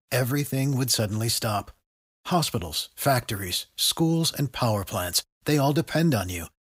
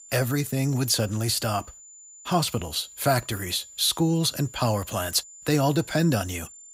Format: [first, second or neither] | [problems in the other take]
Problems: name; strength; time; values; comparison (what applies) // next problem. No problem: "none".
first | high-pitched whine; noticeable; throughout; 7 kHz, 20 dB below the speech